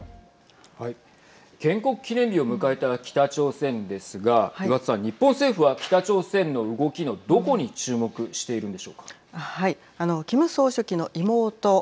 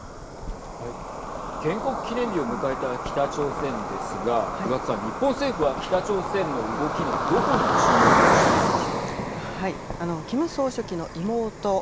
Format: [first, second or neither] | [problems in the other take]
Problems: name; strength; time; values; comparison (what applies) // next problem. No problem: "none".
first | background sound (Cricket); 2 dB above the speech